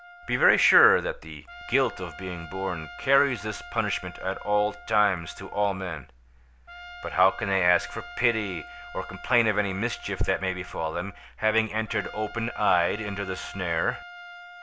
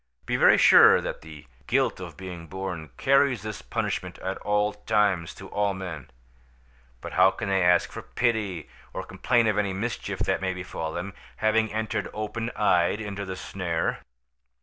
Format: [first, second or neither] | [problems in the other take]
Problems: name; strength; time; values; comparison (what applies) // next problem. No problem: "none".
second | background sound (Trumpet); 17 dB below the speech